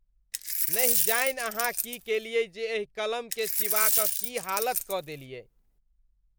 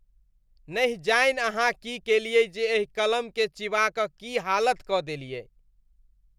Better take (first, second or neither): second